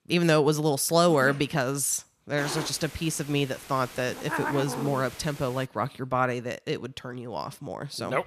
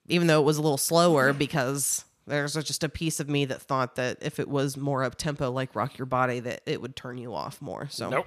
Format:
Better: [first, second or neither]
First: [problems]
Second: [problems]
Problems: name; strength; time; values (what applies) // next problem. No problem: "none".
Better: second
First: hiss; loud; from 2.5 to 5.5 s; 10 dB below the speech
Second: none